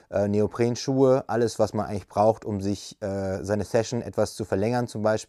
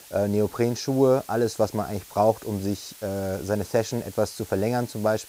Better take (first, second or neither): first